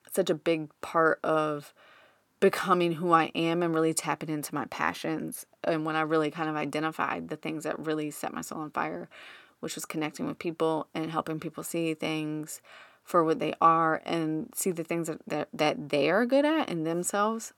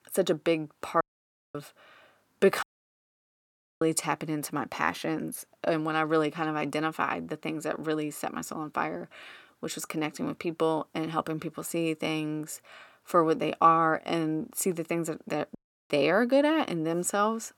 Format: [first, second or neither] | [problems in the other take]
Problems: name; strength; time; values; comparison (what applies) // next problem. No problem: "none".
first | audio cutting out; at 1 s for 0.5 s, at 2.5 s for 1 s and at 16 s